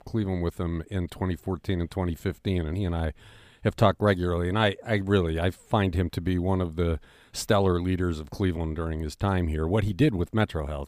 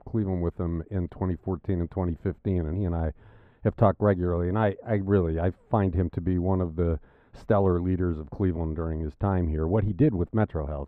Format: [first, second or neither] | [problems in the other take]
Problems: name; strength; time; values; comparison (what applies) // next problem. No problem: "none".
first | muffled; very; fading above 3 kHz